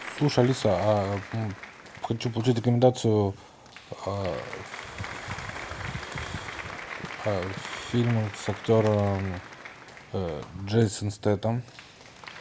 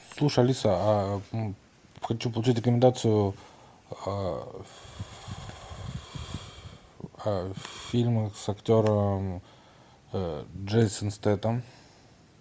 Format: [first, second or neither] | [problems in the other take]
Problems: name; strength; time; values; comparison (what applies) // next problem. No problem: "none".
second | background sound (Applause); 14 dB below the speech